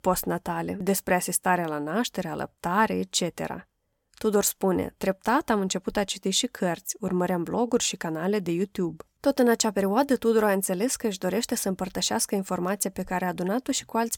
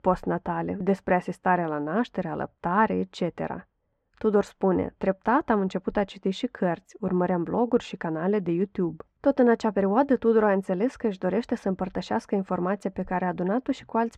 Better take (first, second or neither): first